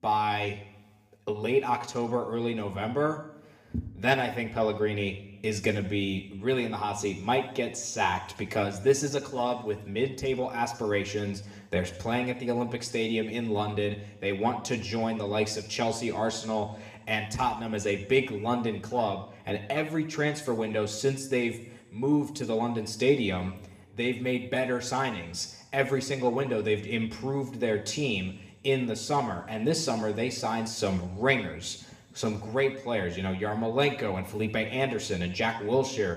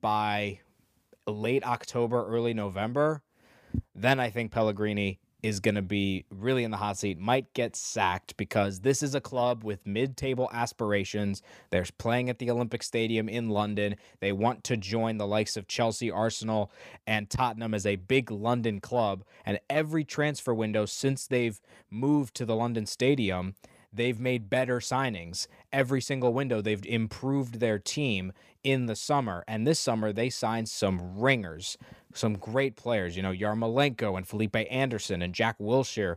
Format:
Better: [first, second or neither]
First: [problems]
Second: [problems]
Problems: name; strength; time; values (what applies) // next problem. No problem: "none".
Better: second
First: room echo; slight; dies away in 0.8 s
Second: none